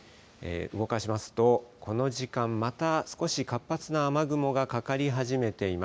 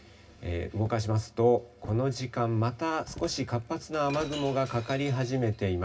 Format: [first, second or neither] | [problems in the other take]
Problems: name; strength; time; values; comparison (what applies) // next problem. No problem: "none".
first | background sound (Shatter); 19 dB below the speech // room echo; dies away in 0.4 s